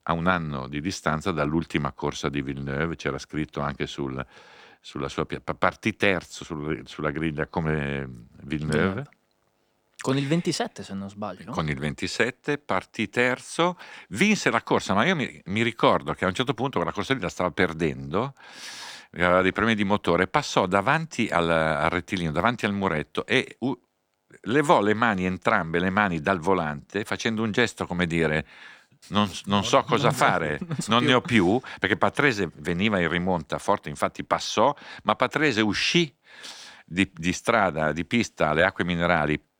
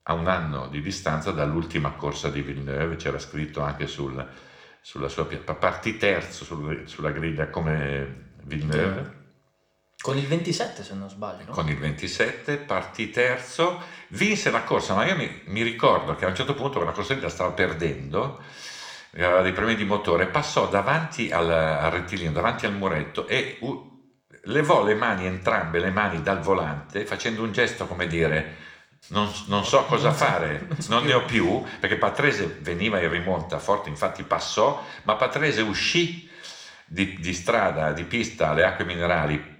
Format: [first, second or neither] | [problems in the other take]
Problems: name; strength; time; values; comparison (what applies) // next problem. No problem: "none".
first | room echo; slight; dies away in 0.6 s